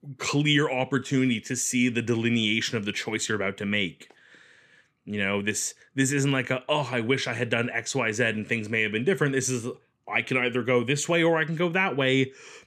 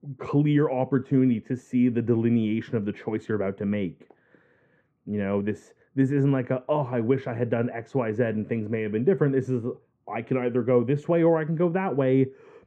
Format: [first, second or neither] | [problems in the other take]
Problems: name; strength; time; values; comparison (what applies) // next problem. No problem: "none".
first | muffled; very; fading above 2 kHz